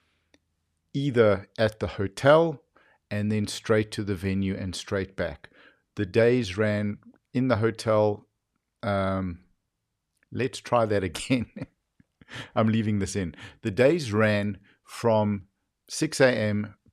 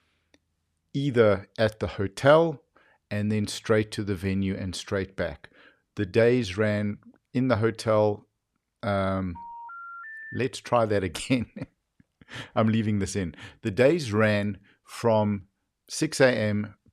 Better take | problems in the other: first | phone ringing; faint; from 9.5 to 10 s; peak 15 dB below the speech

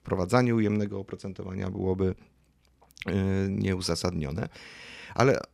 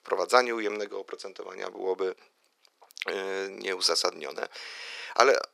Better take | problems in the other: first | thin; very; fading below 400 Hz

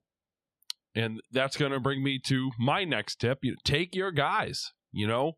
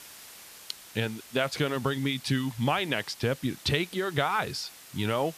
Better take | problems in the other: first | hiss; noticeable; throughout; 15 dB below the speech

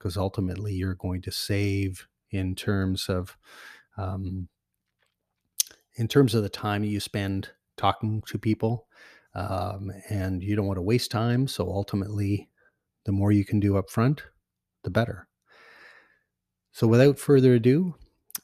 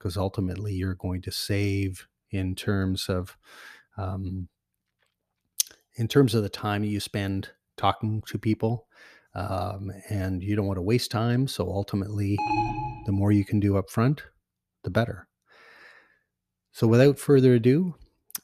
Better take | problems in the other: first | alarm; noticeable; at 12 s; peak level with the speech

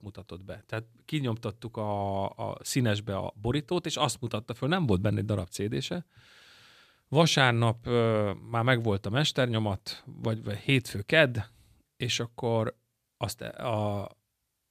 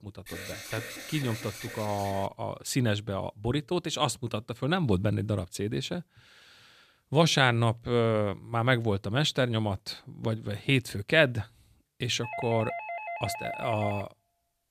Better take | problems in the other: first | alarm; noticeable; until 2.5 s; peak 9 dB below the speech // doorbell; noticeable; from 12 to 14 s; peak 7 dB below the speech

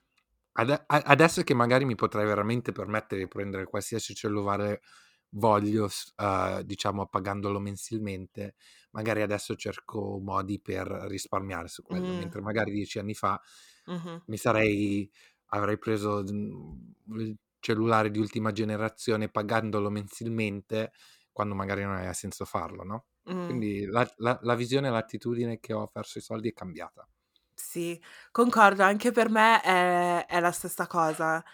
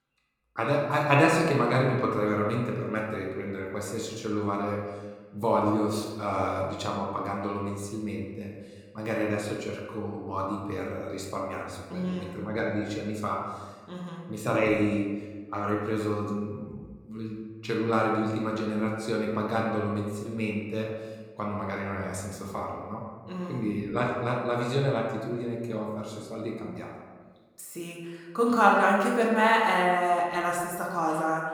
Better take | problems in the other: first | room echo; noticeable; dies away in 1.2 s // off-mic speech; somewhat distant

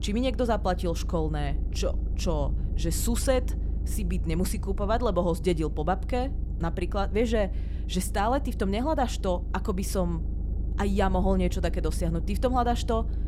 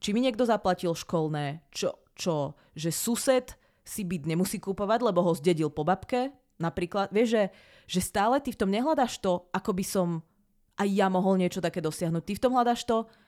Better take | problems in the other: second | low rumble; noticeable; throughout; 20 dB below the speech

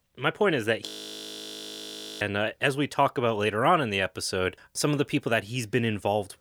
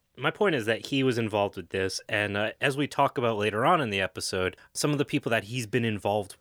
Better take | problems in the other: second | audio freezing; at 1 s for 1.5 s

